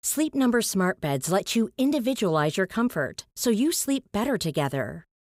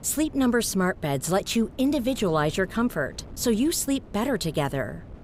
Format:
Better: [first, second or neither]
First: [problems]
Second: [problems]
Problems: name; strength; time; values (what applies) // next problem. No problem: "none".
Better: first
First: none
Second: wind noise on the microphone; occasional gusts; 25 dB below the speech